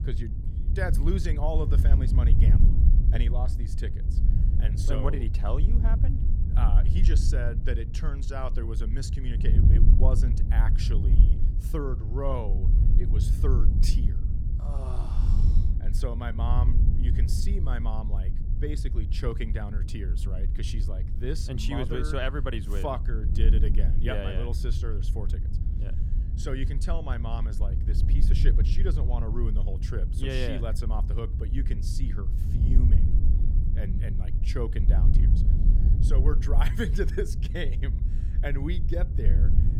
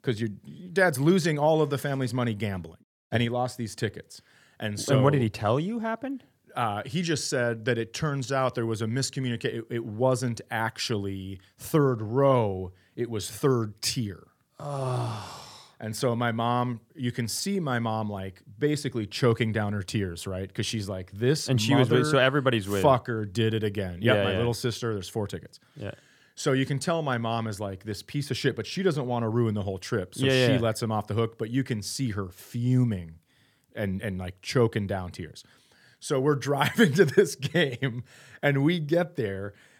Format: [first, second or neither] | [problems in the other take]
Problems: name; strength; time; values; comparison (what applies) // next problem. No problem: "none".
second | wind noise on the microphone; heavy; 6 dB below the speech